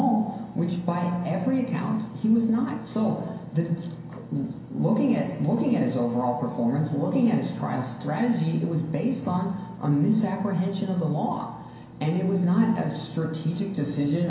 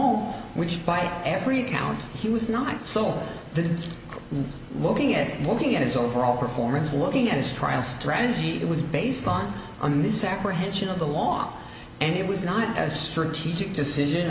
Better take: second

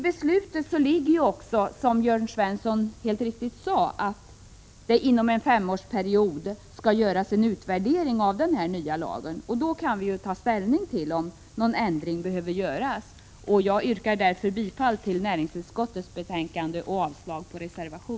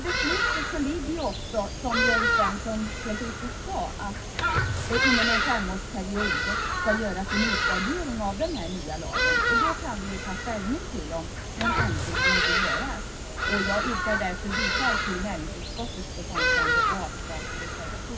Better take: first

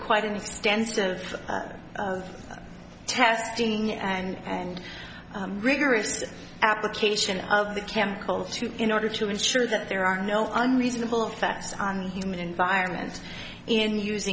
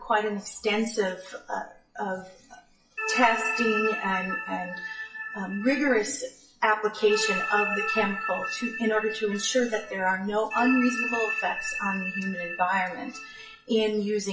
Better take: first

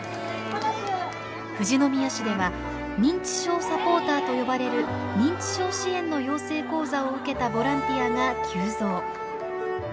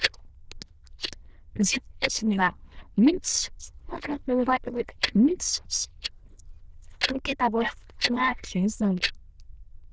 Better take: first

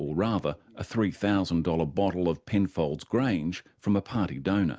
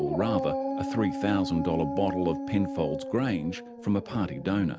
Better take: first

